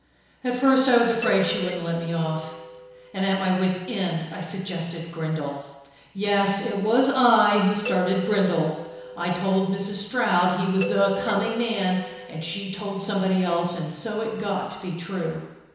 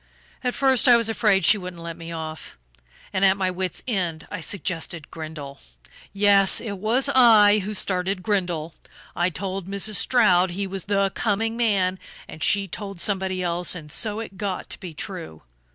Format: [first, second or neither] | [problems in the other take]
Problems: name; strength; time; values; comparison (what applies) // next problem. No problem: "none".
second | background sound (Doorbell); 11 dB below the speech // room echo; dies away in 1 s